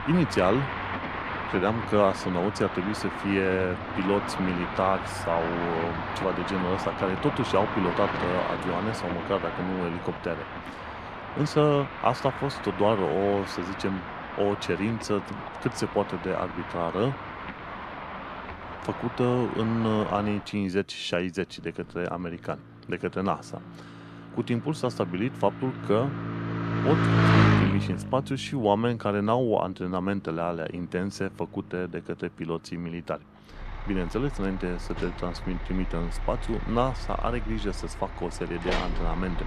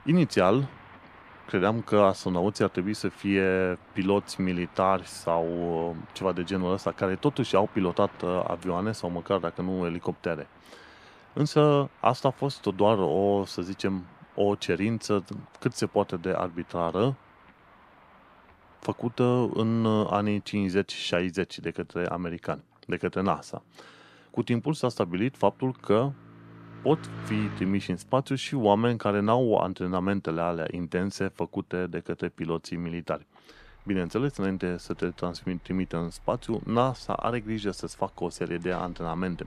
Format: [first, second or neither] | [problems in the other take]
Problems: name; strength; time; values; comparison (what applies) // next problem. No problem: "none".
second | traffic noise; loud; throughout; 3 dB below the speech; faint in the second